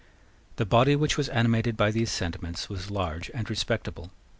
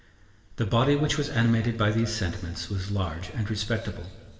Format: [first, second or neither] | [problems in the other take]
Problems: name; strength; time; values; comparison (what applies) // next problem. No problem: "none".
first | room echo; dies away in 1.9 s